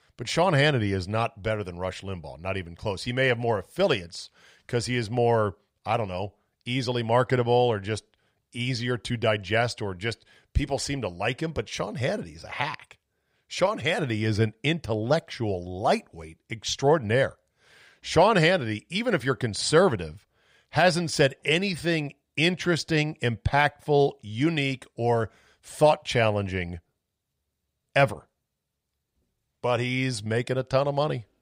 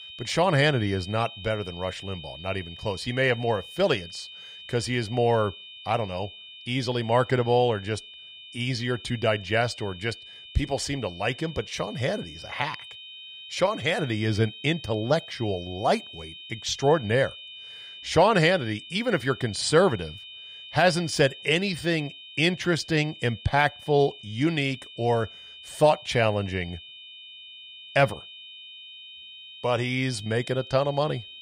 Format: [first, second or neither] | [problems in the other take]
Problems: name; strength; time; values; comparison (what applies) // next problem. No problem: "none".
first | high-pitched whine; noticeable; throughout; 3 kHz, 15 dB below the speech